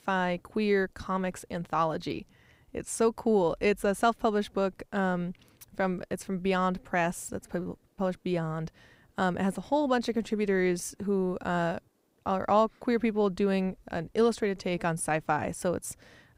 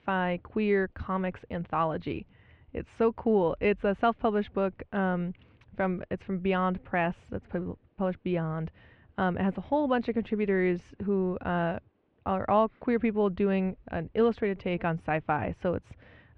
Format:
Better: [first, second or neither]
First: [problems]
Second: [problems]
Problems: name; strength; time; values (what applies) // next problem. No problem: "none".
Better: first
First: none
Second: muffled; very; fading above 3 kHz